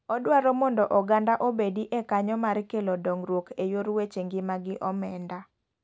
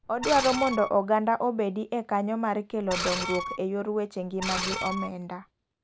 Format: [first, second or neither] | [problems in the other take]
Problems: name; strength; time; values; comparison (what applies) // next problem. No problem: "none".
first | background sound (Screech); 6 dB below the speech